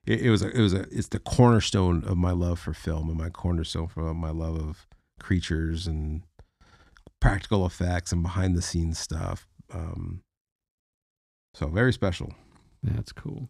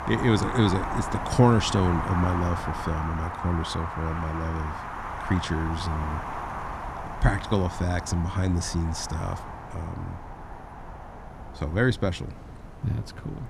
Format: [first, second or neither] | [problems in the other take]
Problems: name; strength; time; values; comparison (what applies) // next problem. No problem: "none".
first | wind noise on the microphone; heavy; 2 dB below the speech